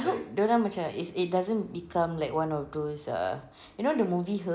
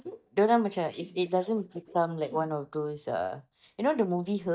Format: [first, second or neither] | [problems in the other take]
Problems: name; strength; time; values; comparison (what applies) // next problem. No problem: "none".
first | noise reduction (neural mask model DeepFilterNet 3)